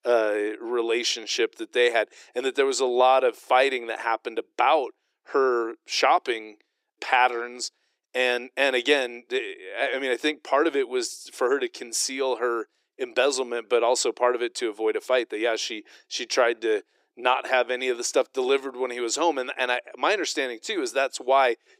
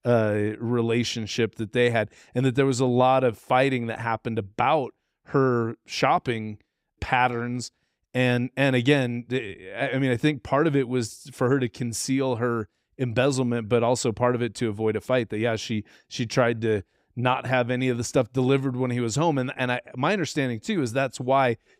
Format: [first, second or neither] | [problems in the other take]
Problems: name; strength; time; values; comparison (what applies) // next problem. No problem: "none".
second | thin; very; fading below 350 Hz